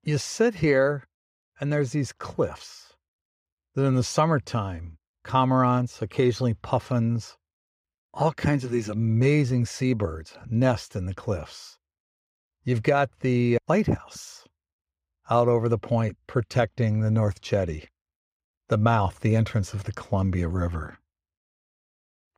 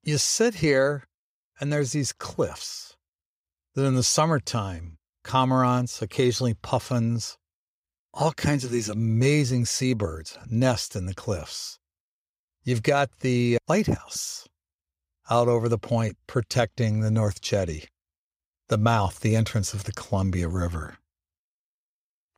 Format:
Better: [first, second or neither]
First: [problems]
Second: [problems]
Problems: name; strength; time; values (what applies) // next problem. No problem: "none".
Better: second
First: muffled; slightly; fading above 3.5 kHz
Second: none